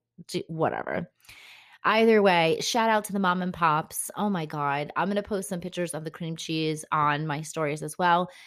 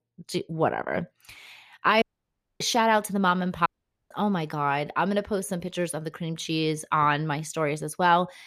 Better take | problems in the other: first | audio cutting out; at 2 s for 0.5 s and at 3.5 s

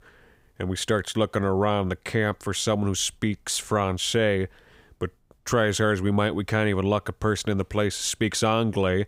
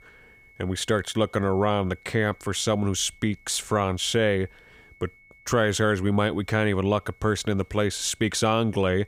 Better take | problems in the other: first | high-pitched whine; faint; throughout; 2 kHz, 30 dB below the speech

